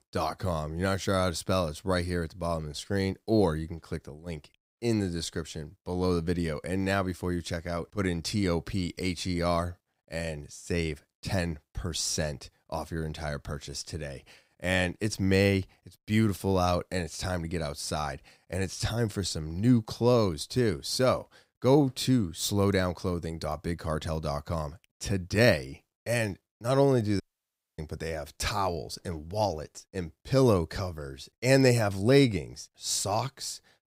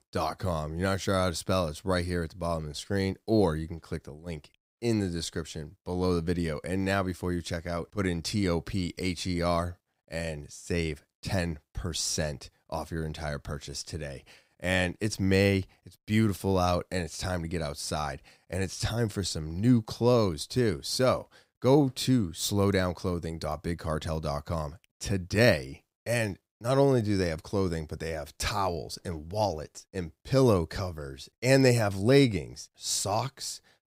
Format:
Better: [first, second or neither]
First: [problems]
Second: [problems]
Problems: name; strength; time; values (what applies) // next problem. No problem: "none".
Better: second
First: audio cutting out; at 27 s for 0.5 s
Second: none